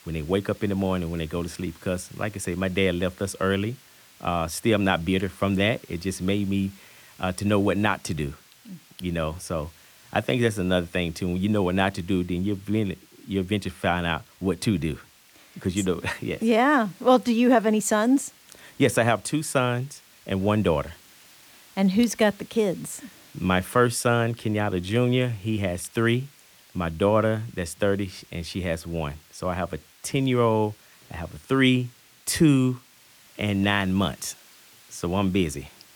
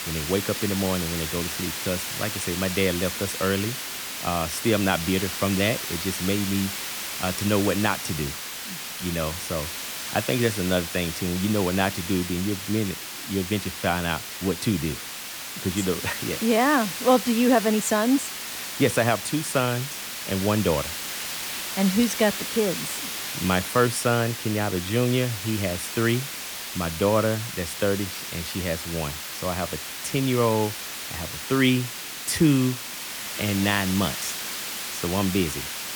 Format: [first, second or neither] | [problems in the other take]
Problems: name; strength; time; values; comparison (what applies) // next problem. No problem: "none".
first | hiss; loud; throughout; 5 dB below the speech; faint in the first